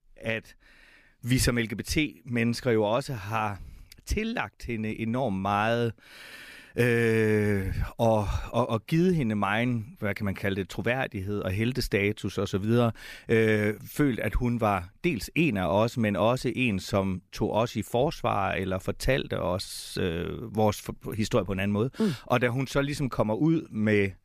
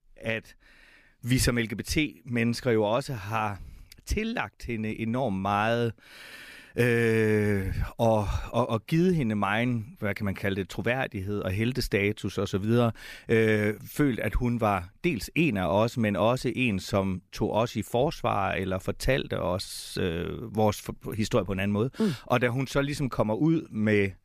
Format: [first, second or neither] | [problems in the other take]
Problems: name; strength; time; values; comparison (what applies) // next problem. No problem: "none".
neither | none